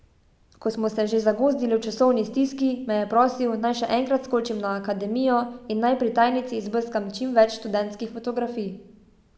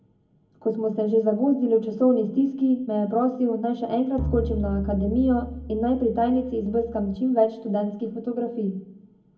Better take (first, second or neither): first